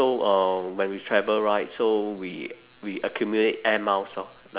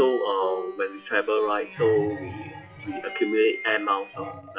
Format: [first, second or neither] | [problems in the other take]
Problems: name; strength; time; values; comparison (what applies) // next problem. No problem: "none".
first | noise reduction (classical method WPE with log-MMSE)